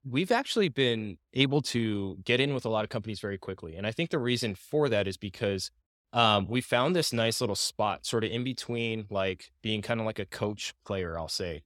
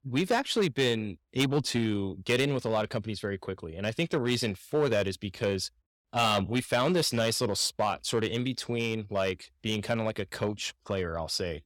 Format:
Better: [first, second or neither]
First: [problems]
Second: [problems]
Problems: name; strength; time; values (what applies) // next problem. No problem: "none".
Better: first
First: none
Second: distortion; slight; 3% of the sound clipped